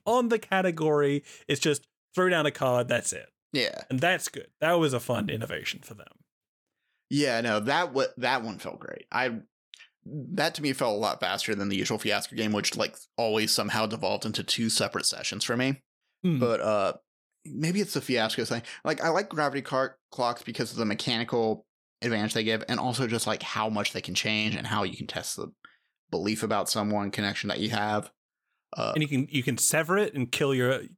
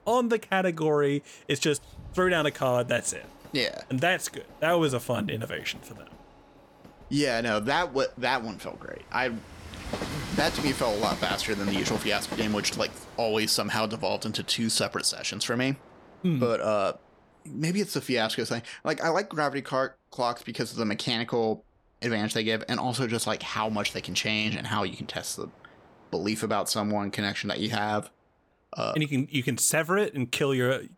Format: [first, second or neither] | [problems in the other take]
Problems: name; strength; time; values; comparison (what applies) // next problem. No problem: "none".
first | train or aircraft noise; noticeable; throughout; 15 dB below the speech